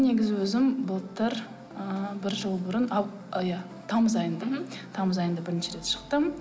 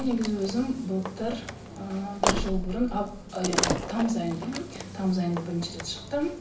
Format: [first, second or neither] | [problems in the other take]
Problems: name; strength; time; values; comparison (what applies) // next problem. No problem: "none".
first | background sound (Slam); 4 dB below the speech // room echo; dies away in 0.4 s